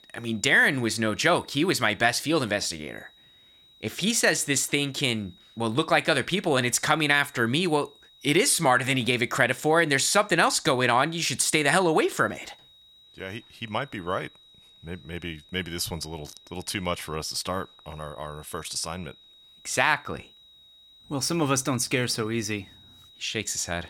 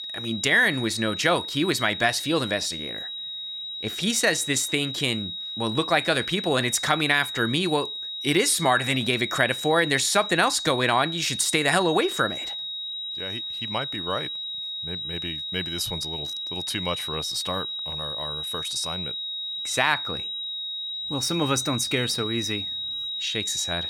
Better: first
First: high-pitched whine; faint; throughout; 4 kHz, 30 dB below the speech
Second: high-pitched whine; loud; throughout; 4 kHz, 5 dB below the speech

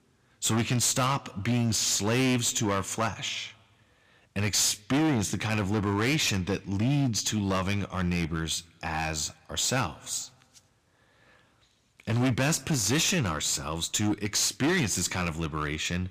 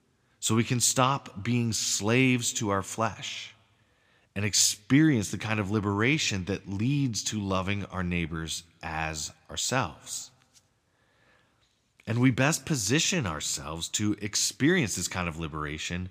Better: second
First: distortion; heavy; 12% of the sound clipped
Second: none

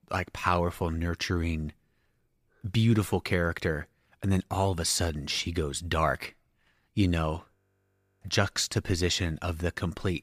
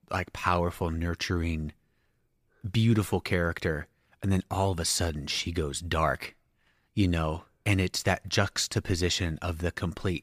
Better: second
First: audio freezing; at 7.5 s for 0.5 s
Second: none

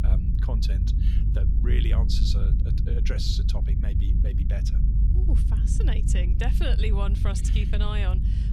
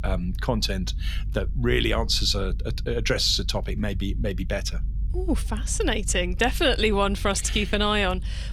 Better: second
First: low rumble; loud; throughout; 5 dB below the speech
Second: low rumble; faint; throughout; 25 dB below the speech

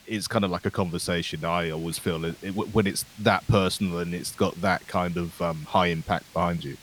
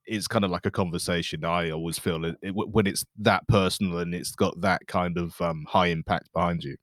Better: second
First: hiss; faint; throughout; 20 dB below the speech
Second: none

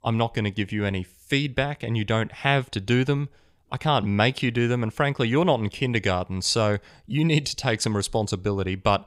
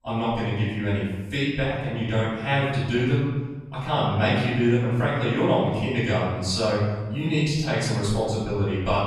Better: first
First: none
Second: off-mic speech; far // room echo; strong; dies away in 1.2 s

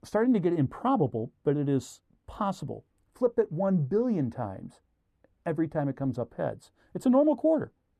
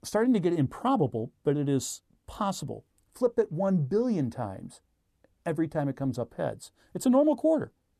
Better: second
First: muffled; slightly; fading above 3.5 kHz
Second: none

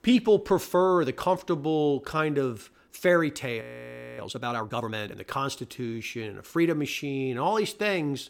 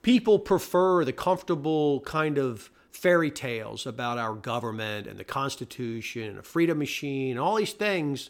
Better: second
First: audio freezing; at 3.5 s for 0.5 s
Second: none

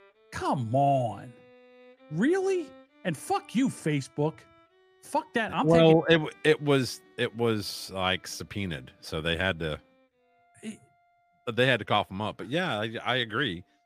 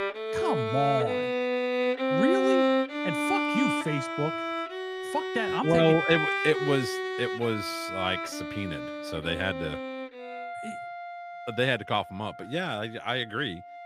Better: first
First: background music; faint; throughout; 30 dB below the speech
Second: background music; loud; throughout; as loud as the speech

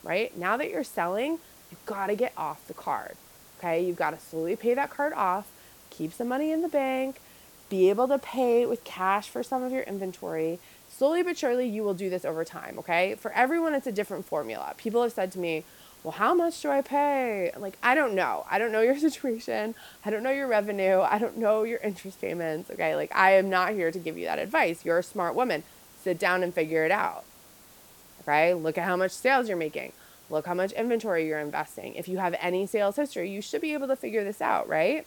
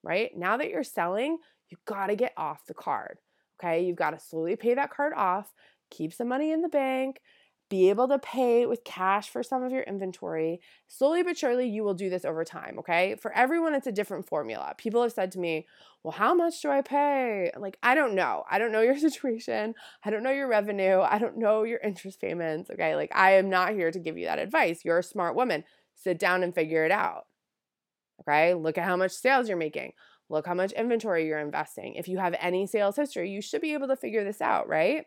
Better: second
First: hiss; faint; throughout; 25 dB below the speech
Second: none

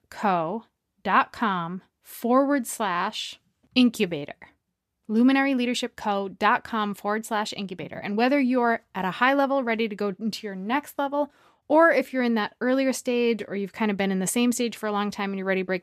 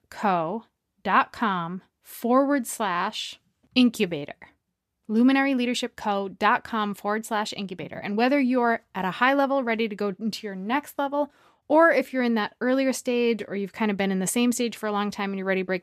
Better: neither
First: none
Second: none

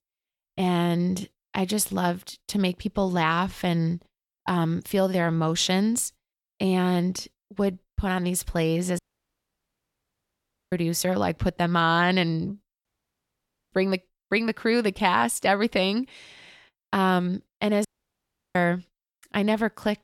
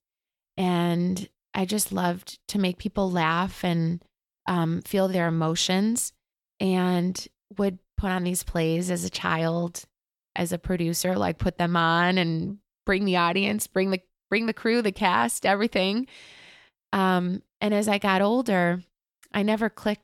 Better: second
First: audio cutting out; at 9 s for 1.5 s, at 13 s for 1 s and at 18 s for 0.5 s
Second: none

